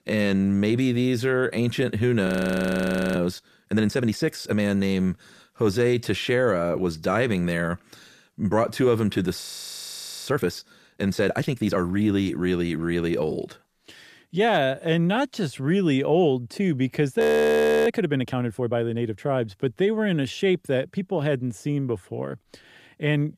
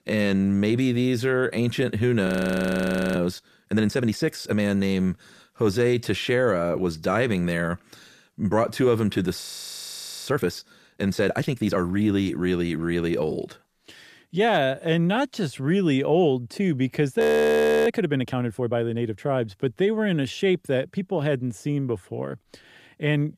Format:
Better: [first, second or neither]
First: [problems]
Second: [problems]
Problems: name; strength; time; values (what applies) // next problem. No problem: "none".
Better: neither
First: audio freezing; at 2.5 s for 1 s, at 9.5 s for 1 s and at 17 s for 0.5 s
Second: audio freezing; at 2.5 s for 1 s, at 9.5 s for 1 s and at 17 s for 0.5 s